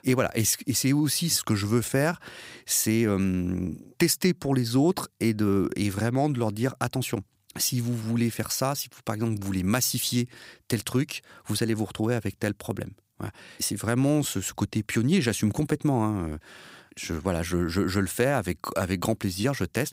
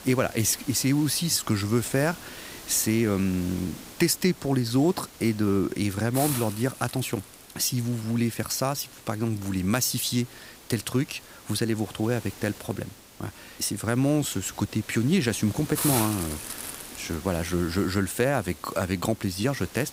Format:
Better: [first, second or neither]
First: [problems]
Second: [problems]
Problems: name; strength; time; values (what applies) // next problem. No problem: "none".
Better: first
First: none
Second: hiss; noticeable; throughout; 10 dB below the speech